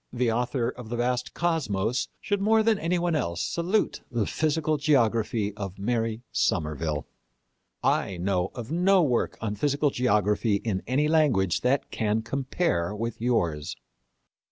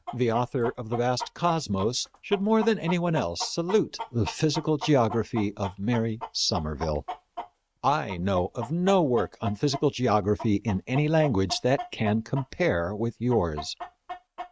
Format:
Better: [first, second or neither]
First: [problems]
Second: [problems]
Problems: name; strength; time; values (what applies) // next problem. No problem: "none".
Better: first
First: none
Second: noise reduction (neural mask model RNNoise)